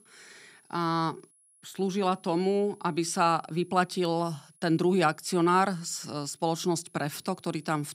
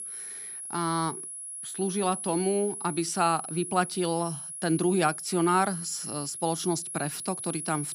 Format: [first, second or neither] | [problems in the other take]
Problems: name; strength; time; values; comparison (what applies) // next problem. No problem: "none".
first | high-pitched whine; loud; throughout; 10.5 kHz, 6 dB below the speech; faint in the first